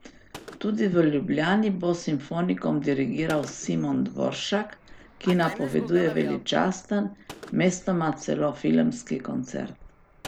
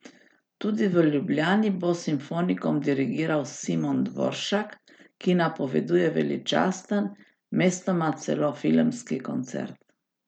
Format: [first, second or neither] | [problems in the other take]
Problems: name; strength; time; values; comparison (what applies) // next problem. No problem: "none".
second | background sound (Fixed-wing aircraft, airplane + Gunshot, gunfire); 18 dB below the speech